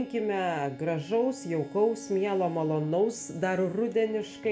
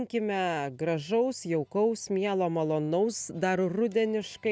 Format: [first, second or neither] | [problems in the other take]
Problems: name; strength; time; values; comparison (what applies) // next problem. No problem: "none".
second | background sound (Bowed string instrument); 18 dB below the speech // room echo; dies away in 1.2 s